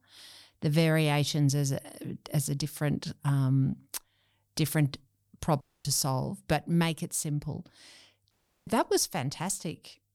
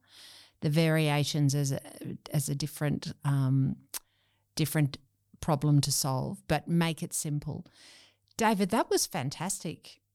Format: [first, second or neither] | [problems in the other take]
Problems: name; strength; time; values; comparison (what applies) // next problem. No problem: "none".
second | audio cutting out; at 5.5 s and at 8.5 s